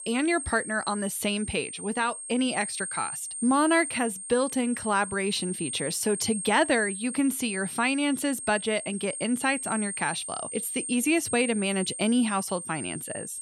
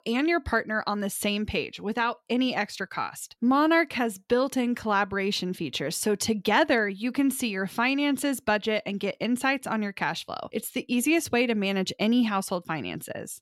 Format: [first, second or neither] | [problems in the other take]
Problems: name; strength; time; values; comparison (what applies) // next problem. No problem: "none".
second | high-pitched whine; loud; throughout; 8.5 kHz, 6 dB below the speech